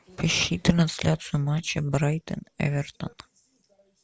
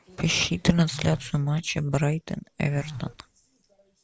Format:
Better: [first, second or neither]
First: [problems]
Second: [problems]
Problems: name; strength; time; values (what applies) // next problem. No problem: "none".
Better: first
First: none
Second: background sound (Telephone); 17 dB below the speech